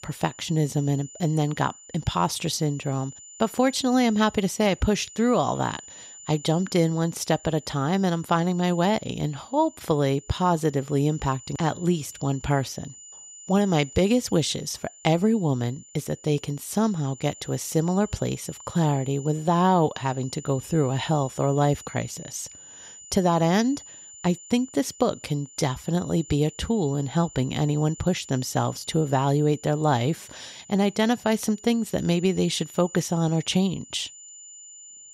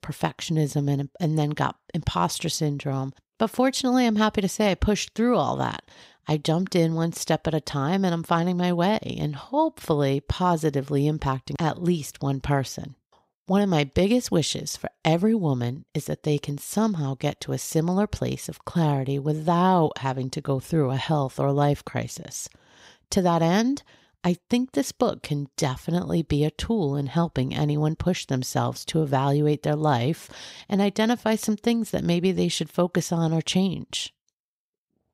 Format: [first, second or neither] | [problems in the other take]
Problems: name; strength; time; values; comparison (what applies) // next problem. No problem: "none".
second | high-pitched whine; noticeable; throughout; 7 kHz, 20 dB below the speech